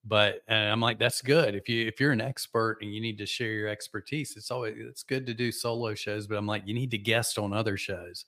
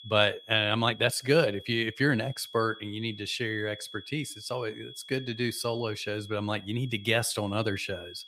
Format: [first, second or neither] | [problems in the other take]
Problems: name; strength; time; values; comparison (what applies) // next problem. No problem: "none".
first | high-pitched whine; noticeable; throughout; 3.5 kHz, 15 dB below the speech